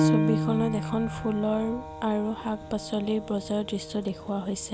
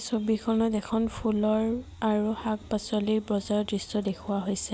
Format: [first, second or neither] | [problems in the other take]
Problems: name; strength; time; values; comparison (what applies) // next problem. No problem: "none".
second | background sound (Piano); 2 dB below the speech